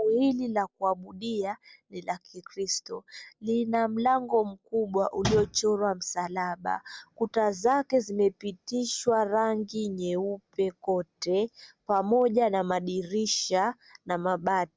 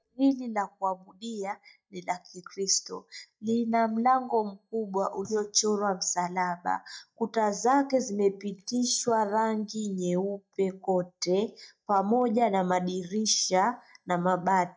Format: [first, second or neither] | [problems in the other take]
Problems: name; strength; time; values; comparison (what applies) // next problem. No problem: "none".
first | noise reduction (neural mask model DeepFilterNet 3)